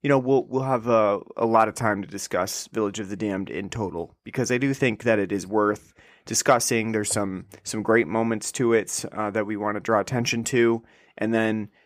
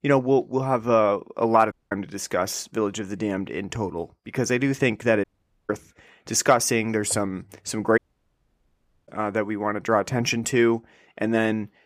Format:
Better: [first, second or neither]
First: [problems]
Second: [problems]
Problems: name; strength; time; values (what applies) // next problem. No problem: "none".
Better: first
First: none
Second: audio cutting out; at 1.5 s, at 5 s and at 8 s for 1 s